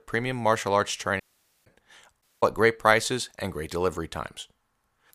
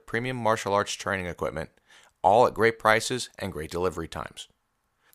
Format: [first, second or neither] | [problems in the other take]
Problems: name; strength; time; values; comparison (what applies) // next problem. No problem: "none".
second | audio cutting out; at 1 s and at 2 s